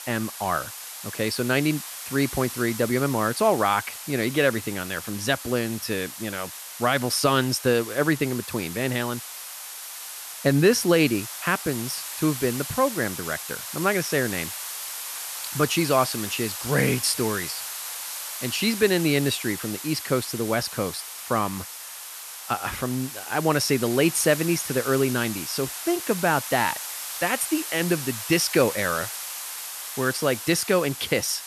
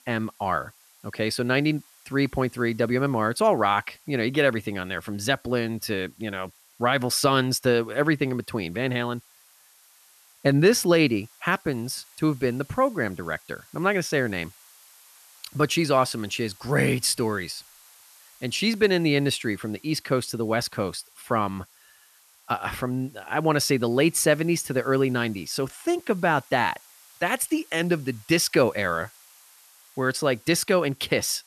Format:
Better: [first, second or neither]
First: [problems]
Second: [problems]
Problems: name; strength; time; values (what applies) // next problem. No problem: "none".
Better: second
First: hiss; loud; throughout; 8 dB below the speech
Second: hiss; faint; throughout; 25 dB below the speech